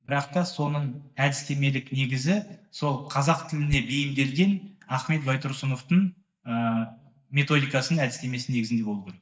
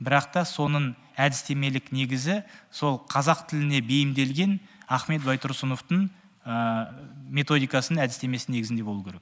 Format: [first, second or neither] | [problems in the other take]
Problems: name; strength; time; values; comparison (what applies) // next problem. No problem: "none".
second | noise reduction (neural mask model DeepFilterNet 3)